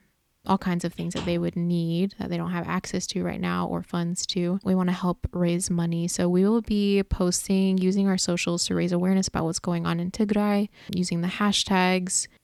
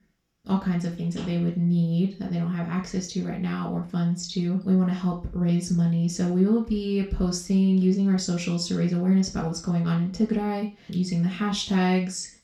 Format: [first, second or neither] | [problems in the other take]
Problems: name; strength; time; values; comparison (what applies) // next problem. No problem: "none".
first | room echo; slight; dies away in 0.3 s // off-mic speech; far